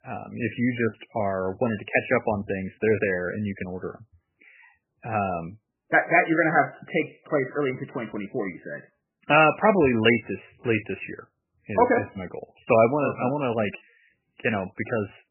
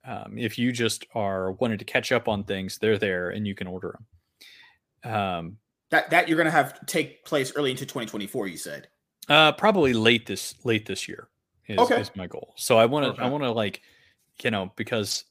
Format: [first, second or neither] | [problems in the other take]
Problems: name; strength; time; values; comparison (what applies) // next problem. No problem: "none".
second | garbled, watery; badly; nothing above 3 kHz